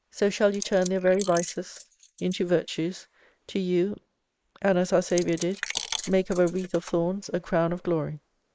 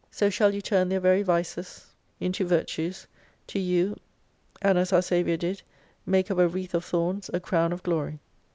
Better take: second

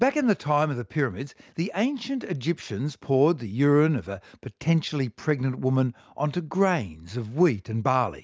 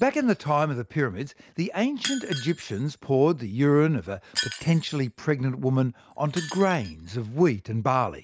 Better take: first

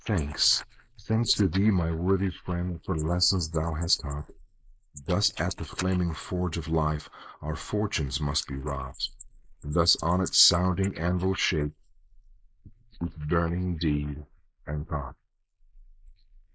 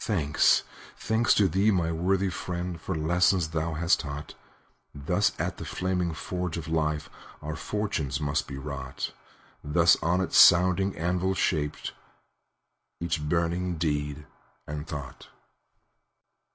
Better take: second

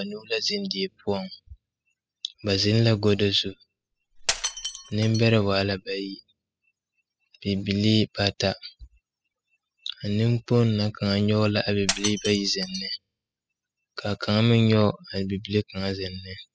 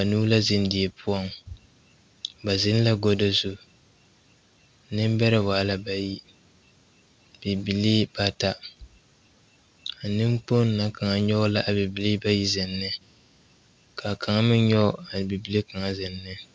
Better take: second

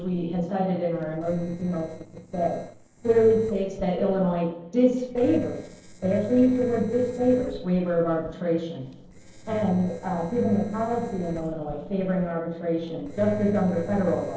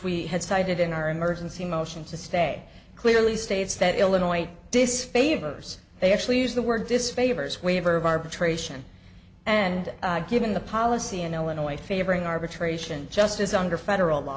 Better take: second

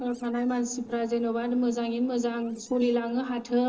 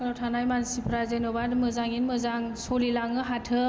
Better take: second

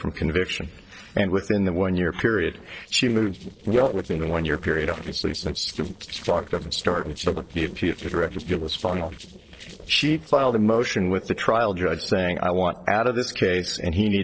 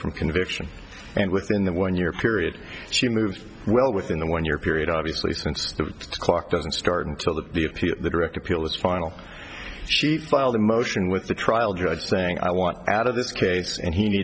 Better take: second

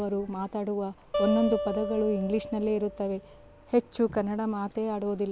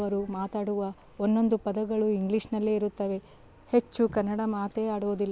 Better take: second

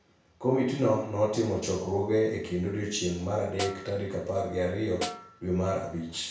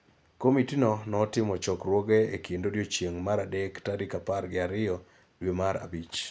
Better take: second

